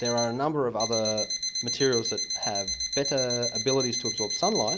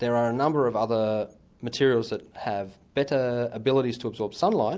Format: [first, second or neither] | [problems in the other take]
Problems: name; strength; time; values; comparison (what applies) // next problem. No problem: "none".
second | background sound (Alarm); 3 dB below the speech